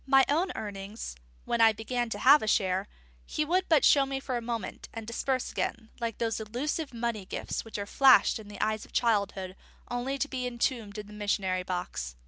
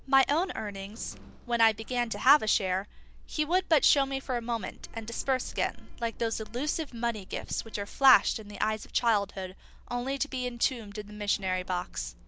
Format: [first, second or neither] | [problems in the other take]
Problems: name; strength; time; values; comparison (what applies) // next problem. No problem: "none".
first | background sound (Sliding door); 14 dB below the speech